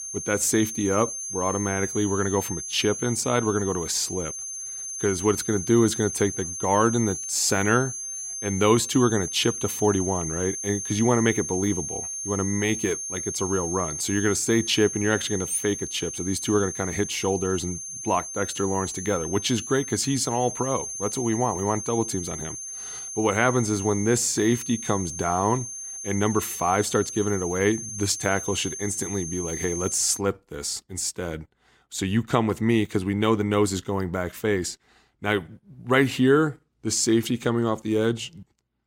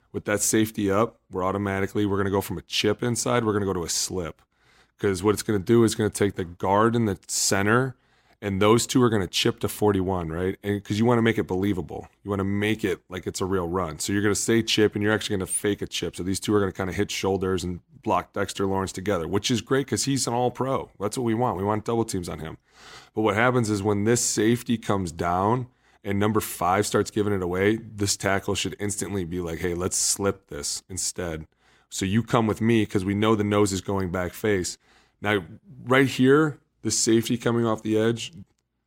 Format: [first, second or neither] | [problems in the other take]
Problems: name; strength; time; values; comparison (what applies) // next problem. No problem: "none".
second | high-pitched whine; loud; until 30 s; 6.5 kHz, 6 dB below the speech